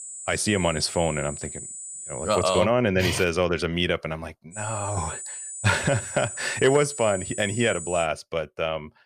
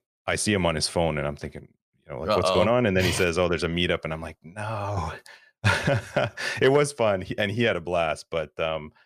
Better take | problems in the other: second | high-pitched whine; loud; until 2.5 s and from 4.5 to 8 s; 8 kHz, 9 dB below the speech

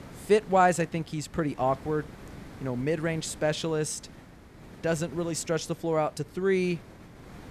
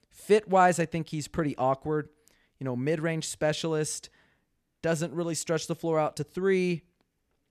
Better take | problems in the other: second | hiss; noticeable; throughout; 20 dB below the speech

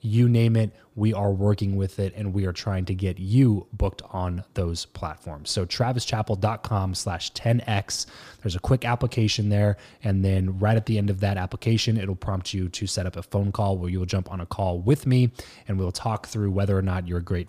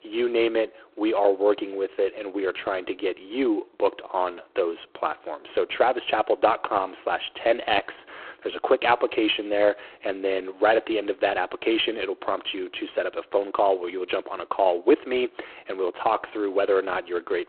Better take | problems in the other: first | phone-call audio; poor line

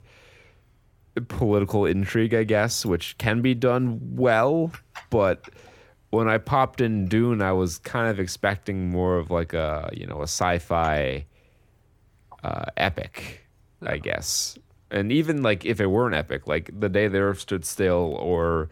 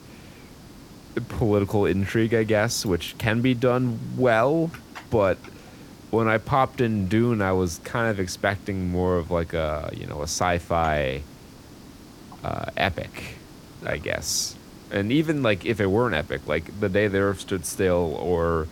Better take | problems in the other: first | hiss; faint; throughout; 20 dB below the speech

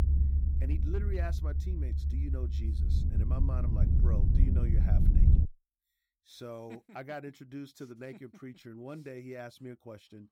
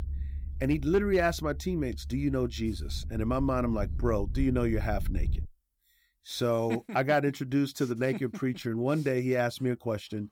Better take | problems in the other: second | low rumble; loud; until 5.5 s; as loud as the speech; faint in the second

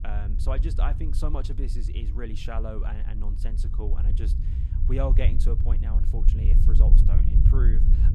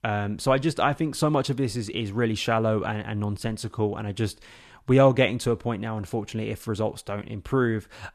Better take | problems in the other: second | low rumble; loud; throughout; 5 dB below the speech

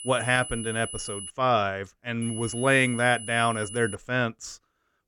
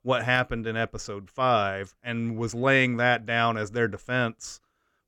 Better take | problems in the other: second | high-pitched whine; noticeable; until 1.5 s and from 2 to 4 s; 10 kHz, 10 dB below the speech

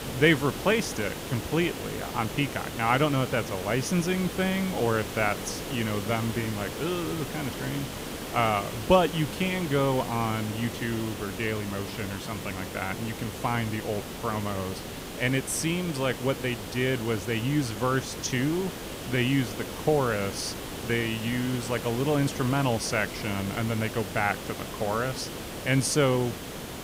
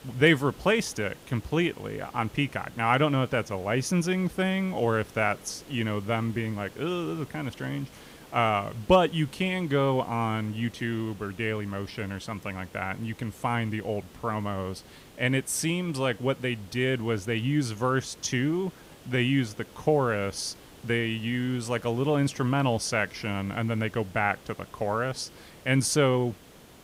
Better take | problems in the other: second | hiss; loud; throughout; 8 dB below the speech; faint in the second

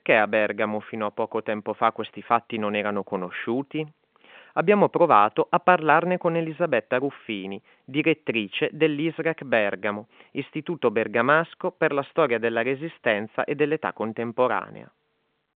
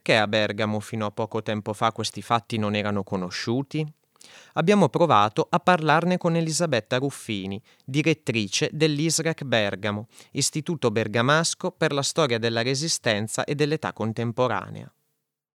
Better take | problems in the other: second | phone-call audio

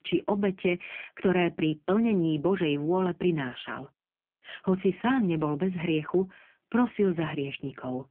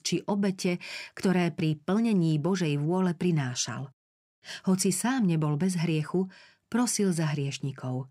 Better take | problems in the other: second | phone-call audio; poor line; nothing above 3 kHz

